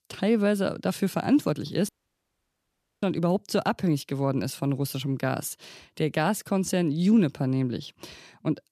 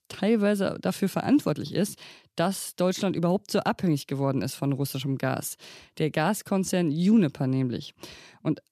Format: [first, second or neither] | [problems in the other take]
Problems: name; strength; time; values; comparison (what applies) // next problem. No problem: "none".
second | audio cutting out; at 2 s for 1 s